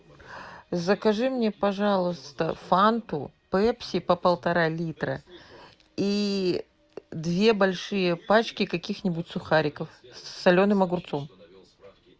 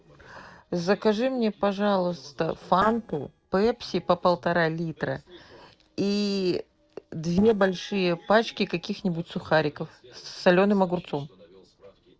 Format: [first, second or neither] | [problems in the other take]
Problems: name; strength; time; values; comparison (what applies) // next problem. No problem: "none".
first | noise reduction (neural separator model SepFormer DNS4)